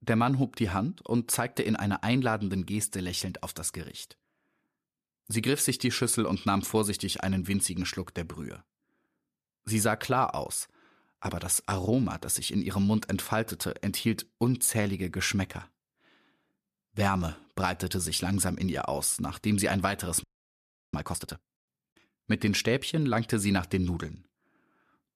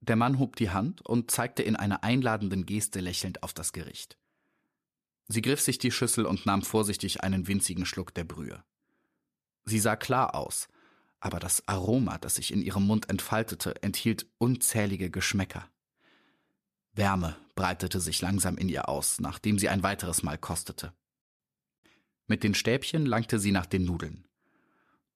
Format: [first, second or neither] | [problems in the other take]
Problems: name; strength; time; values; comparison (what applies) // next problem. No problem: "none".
second | audio freezing; at 20 s for 0.5 s